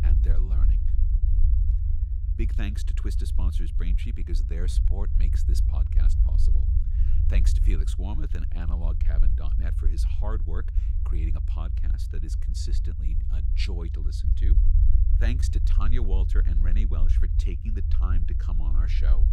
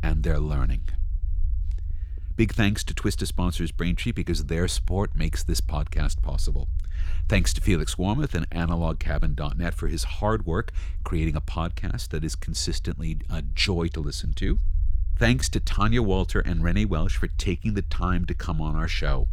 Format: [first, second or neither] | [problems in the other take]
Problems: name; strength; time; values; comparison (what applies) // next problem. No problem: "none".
second | low rumble; loud; throughout; 4 dB below the speech; faint in the second